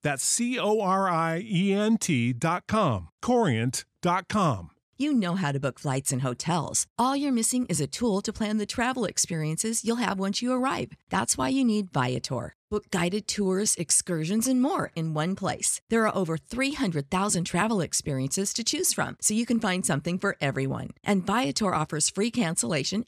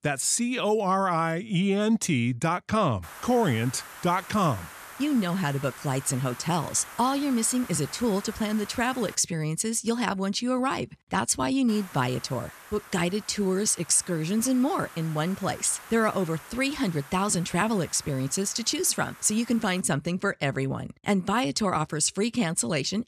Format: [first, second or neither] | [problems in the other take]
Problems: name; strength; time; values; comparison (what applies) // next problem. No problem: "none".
first | hiss; noticeable; from 3 to 9 s and from 12 to 20 s; 15 dB below the speech